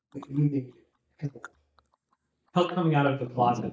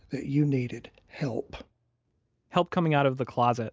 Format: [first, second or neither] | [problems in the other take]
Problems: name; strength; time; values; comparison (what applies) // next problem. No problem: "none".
second | noise reduction (neural mask model DeepFilterNet 3)